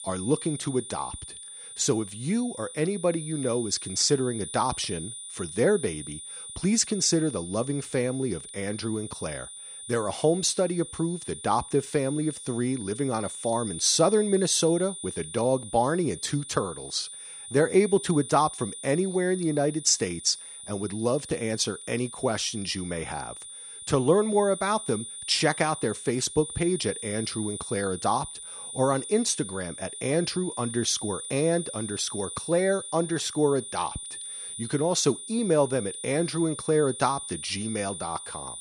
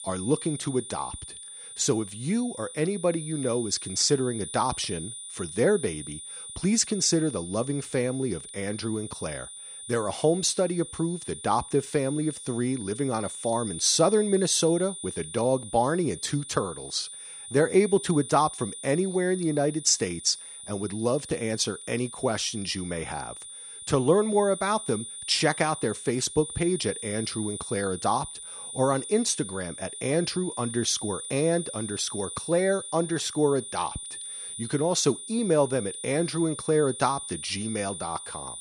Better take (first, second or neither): neither